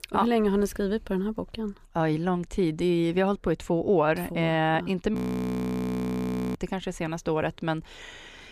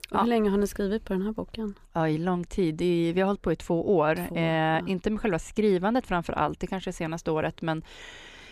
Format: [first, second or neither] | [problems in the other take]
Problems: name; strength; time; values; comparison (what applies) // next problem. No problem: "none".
second | audio freezing; at 5 s for 1.5 s